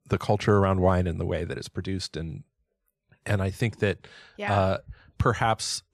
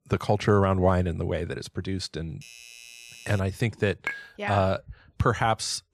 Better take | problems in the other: first | doorbell; faint; from 2.5 to 3.5 s; peak 15 dB below the speech // clattering dishes; noticeable; at 4 s; peak 7 dB below the speech

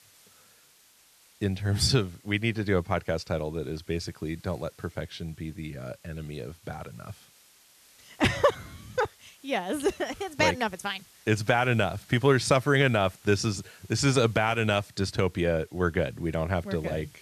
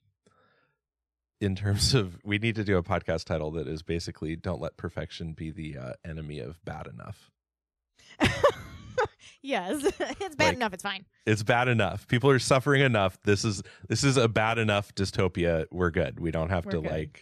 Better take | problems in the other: second | hiss; faint; throughout; 25 dB below the speech

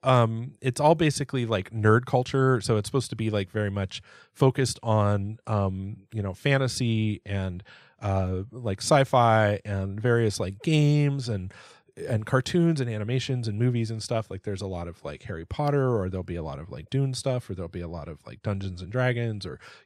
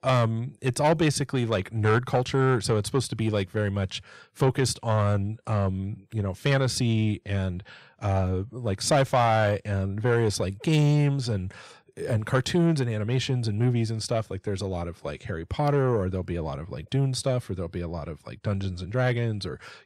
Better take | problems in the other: first | distortion; slight; 10 dB below the speech

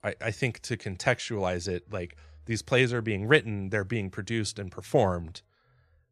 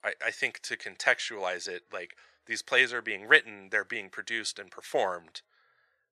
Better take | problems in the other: first | thin; very; fading below 550 Hz

